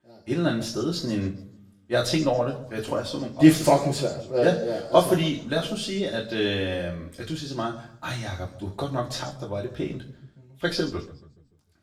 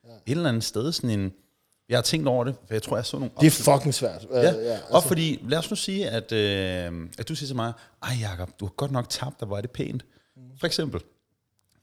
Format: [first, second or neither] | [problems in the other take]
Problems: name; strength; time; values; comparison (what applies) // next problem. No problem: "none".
second | room echo; slight; dies away in 0.7 s // off-mic speech; far